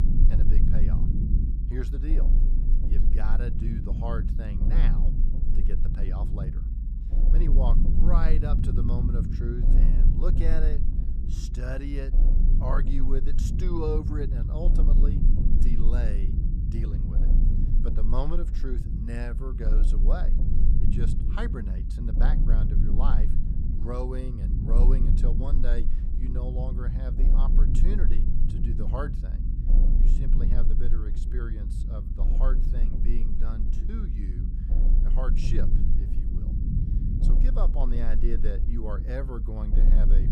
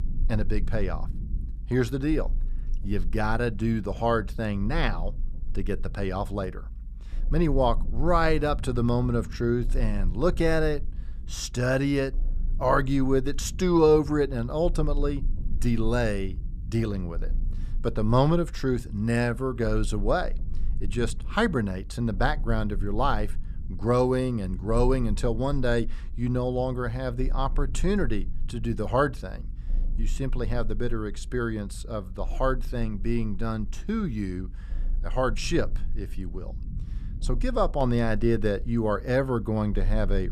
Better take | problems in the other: second | low rumble; loud; throughout; 3 dB below the speech; faint in the second

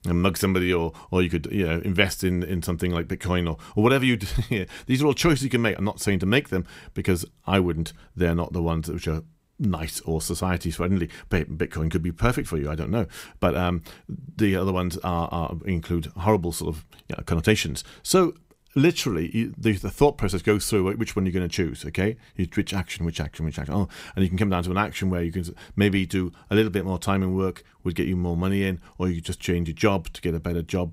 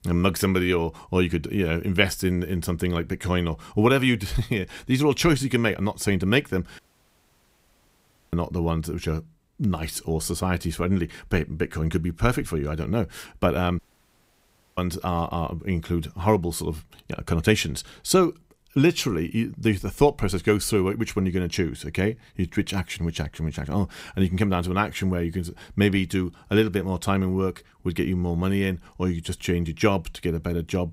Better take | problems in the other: first | audio cutting out; at 7 s for 1.5 s and at 14 s for 1 s

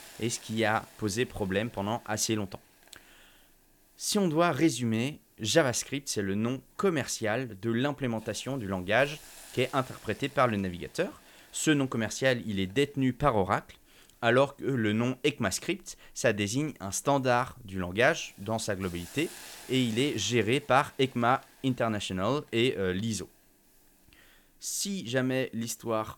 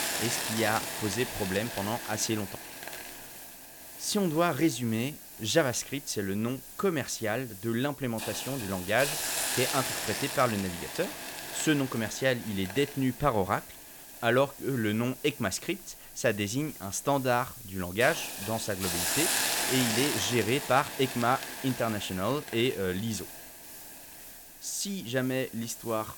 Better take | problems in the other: first | hiss; loud; throughout; 5 dB below the speech; faint in the first

